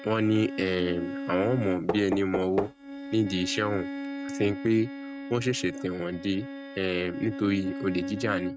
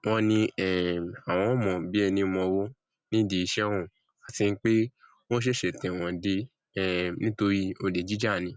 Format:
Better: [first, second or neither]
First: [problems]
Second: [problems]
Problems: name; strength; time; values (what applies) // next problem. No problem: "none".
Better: second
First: noise reduction (neural mask model RNNoise)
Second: none